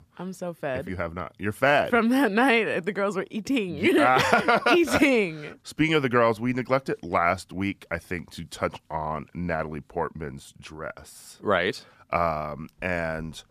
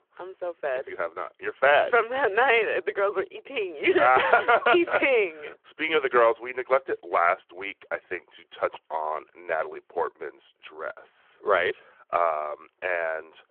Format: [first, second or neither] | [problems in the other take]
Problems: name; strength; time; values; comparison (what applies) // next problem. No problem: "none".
first | phone-call audio